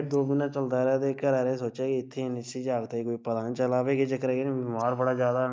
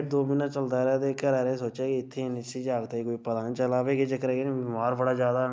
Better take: second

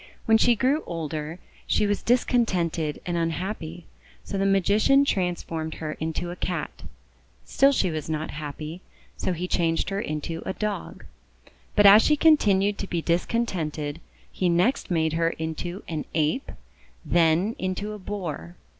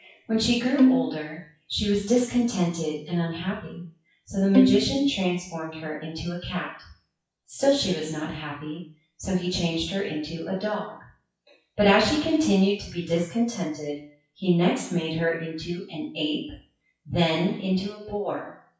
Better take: first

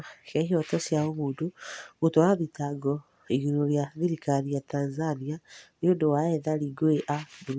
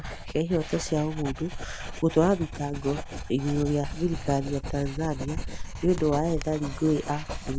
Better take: first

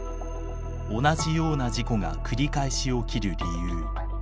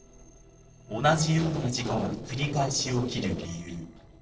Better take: first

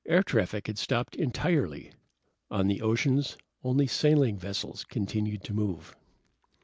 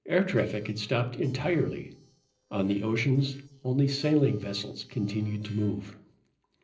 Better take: first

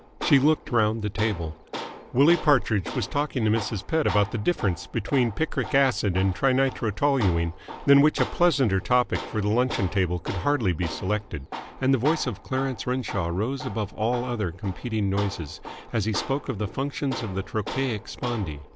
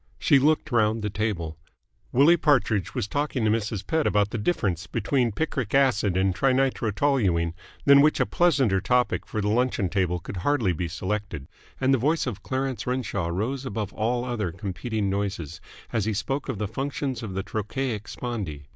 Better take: second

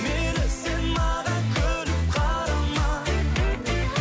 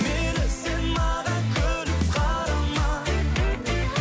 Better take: first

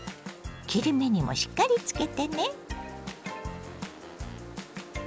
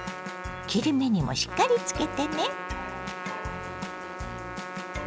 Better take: first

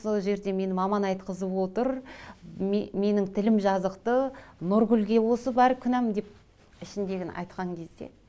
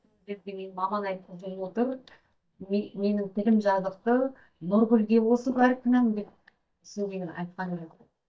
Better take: first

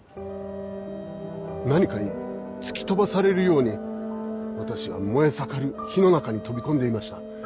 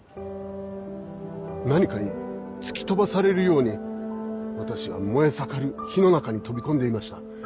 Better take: second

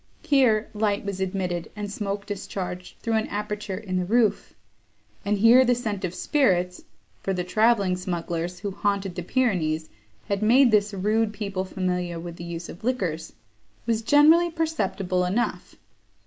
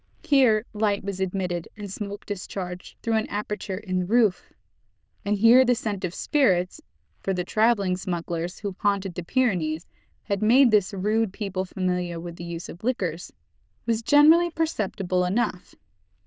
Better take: first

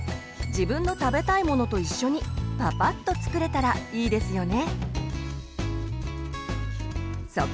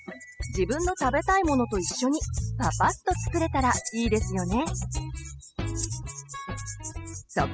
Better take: first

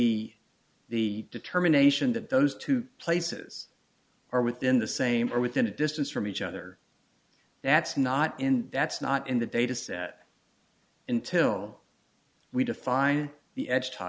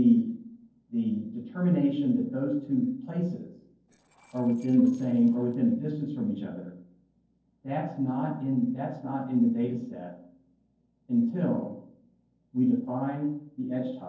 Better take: first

